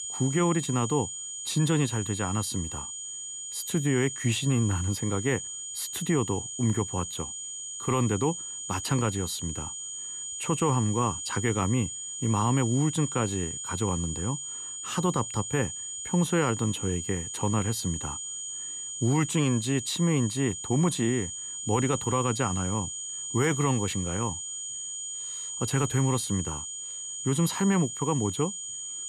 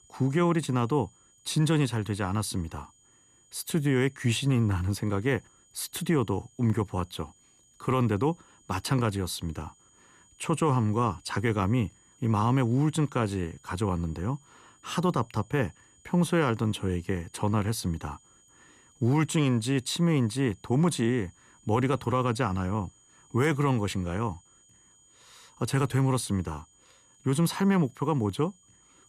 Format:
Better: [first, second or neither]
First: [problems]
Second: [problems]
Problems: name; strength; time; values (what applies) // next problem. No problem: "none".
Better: second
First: high-pitched whine; loud; throughout; 7 kHz, 5 dB below the speech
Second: high-pitched whine; faint; throughout; 7 kHz, 30 dB below the speech